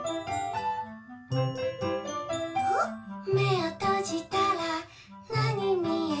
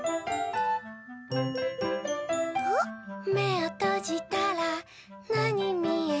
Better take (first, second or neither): second